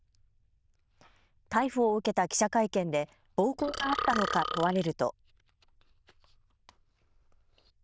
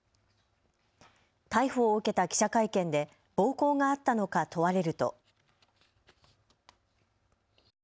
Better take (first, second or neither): second